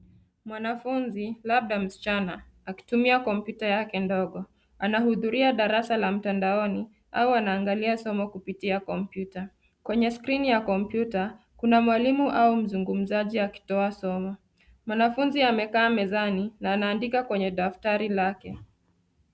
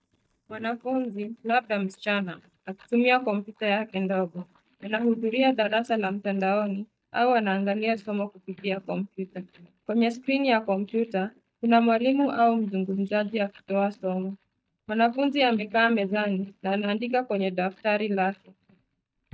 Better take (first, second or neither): first